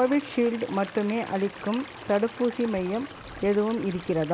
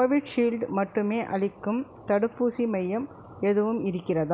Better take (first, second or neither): second